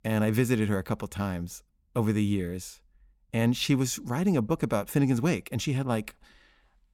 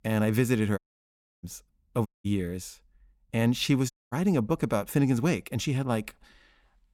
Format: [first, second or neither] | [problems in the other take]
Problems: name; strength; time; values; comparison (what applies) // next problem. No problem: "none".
first | audio cutting out; at 1 s for 0.5 s, at 2 s and at 4 s